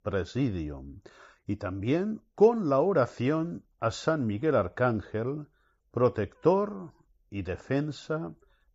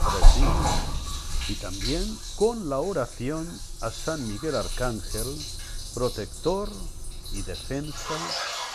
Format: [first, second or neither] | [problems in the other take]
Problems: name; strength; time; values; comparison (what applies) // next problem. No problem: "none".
first | rain or running water; very loud; throughout; as loud as the speech